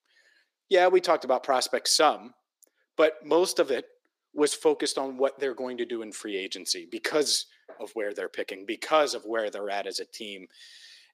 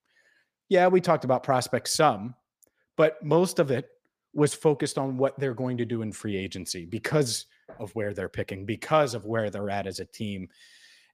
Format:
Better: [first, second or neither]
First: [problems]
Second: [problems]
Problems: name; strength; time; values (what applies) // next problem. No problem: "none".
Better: second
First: thin; somewhat; fading below 350 Hz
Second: none